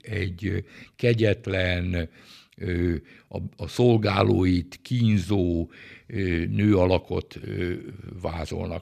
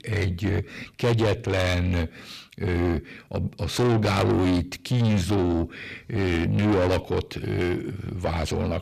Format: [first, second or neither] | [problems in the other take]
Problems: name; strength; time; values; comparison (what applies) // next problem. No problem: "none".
first | distortion; heavy; 6 dB below the speech